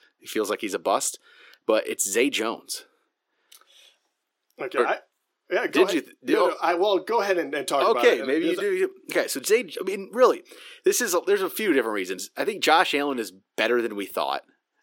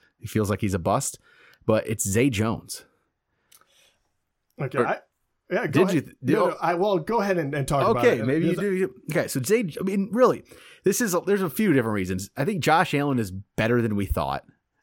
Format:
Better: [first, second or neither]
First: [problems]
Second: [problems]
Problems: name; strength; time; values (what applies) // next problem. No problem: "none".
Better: second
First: thin; somewhat; fading below 350 Hz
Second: none